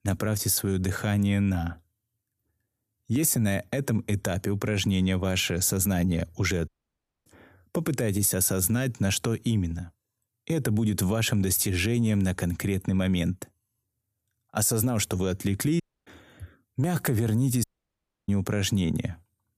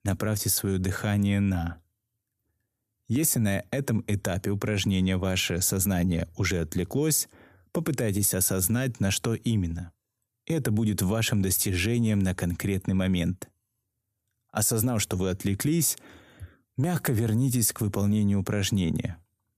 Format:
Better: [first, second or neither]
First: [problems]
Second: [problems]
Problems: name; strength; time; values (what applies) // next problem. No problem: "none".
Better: second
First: audio cutting out; at 6.5 s for 0.5 s, at 16 s and at 18 s for 0.5 s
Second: none